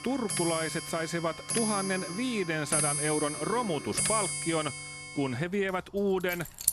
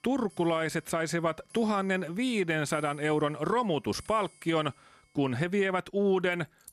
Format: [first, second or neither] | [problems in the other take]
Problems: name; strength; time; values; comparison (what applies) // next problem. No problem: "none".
second | household noises; loud; throughout; 1 dB below the speech; faint in the second